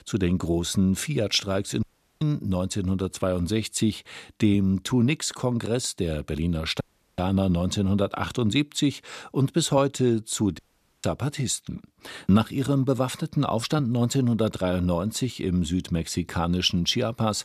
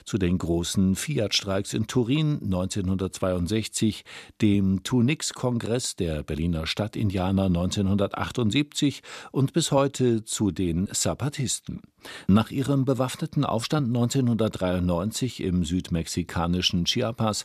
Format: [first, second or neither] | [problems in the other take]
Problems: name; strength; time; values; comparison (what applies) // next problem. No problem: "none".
second | audio cutting out; at 2 s, at 7 s and at 11 s